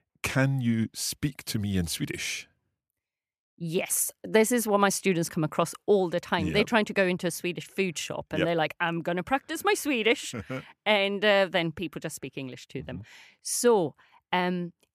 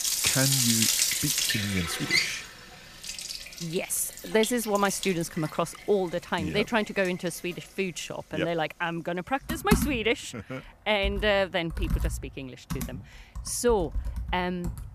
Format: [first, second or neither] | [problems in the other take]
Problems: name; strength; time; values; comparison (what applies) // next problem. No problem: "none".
first | household noises; very loud; throughout; as loud as the speech